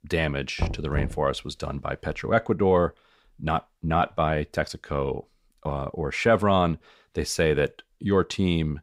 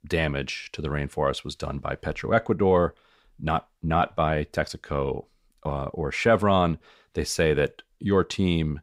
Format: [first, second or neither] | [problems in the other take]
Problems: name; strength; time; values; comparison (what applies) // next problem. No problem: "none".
second | door banging; noticeable; at 0.5 s; peak 5 dB below the speech